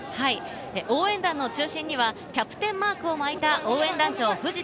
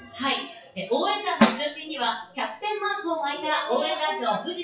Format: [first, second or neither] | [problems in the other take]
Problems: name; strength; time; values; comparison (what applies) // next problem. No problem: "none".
first | noise reduction (classical method WPE with log-MMSE)